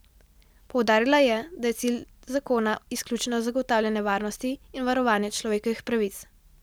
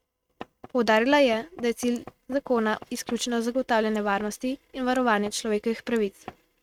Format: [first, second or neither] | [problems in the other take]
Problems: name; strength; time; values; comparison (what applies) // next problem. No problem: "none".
first | noise reduction (neural mask model RNNoise)